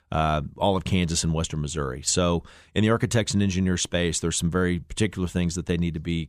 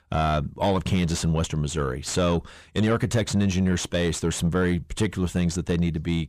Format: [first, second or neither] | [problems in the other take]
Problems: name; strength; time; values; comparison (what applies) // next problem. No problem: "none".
first | distortion; slight; 10 dB below the speech